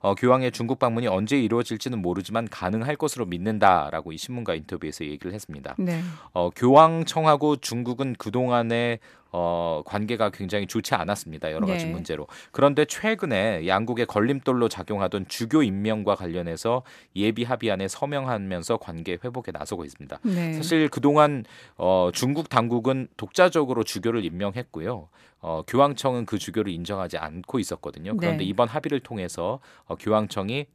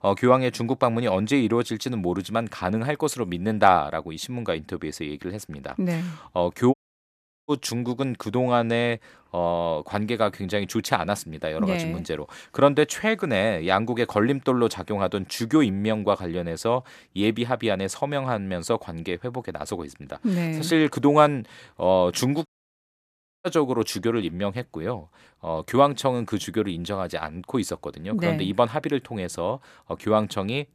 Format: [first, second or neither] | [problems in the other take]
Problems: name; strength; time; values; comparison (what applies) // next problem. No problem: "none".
first | audio cutting out; at 6.5 s for 0.5 s and at 22 s for 1 s